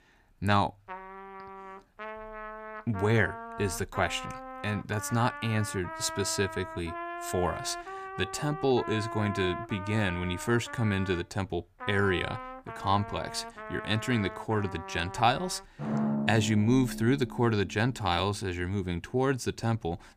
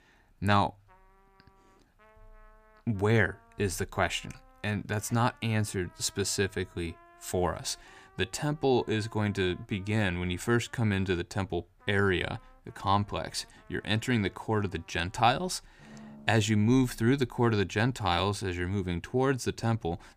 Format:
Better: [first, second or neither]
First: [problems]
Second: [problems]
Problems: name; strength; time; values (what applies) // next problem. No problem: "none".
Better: second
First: background music; loud; throughout; 9 dB below the speech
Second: background music; faint; throughout; 30 dB below the speech